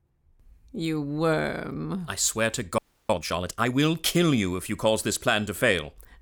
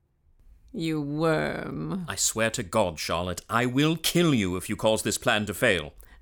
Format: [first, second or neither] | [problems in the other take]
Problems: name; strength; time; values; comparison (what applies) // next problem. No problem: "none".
second | audio freezing; at 3 s